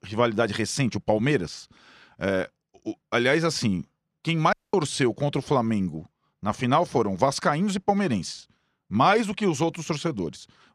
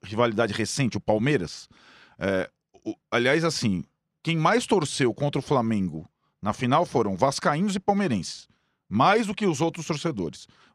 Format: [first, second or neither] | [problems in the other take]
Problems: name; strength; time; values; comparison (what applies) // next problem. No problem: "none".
second | audio cutting out; at 4.5 s